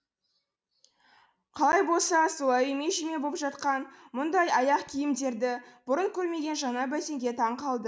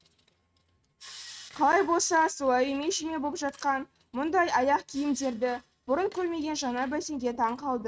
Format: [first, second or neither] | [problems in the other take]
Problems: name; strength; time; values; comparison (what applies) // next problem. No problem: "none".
first | noise reduction (neural mask model RNNoise)